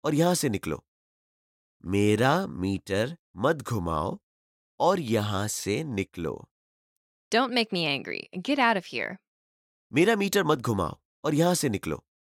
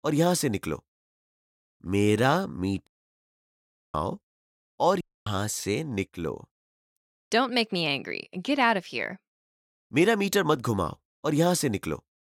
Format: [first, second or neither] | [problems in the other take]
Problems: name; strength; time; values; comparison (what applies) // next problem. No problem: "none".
first | audio cutting out; at 3 s for 1 s and at 5 s